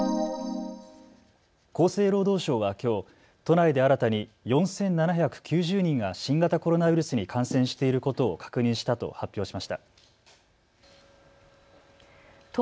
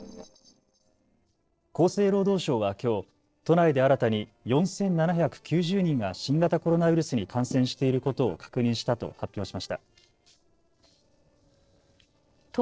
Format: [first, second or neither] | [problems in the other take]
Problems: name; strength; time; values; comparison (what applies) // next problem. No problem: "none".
first | noise reduction (neural separator model SepFormer DNS4)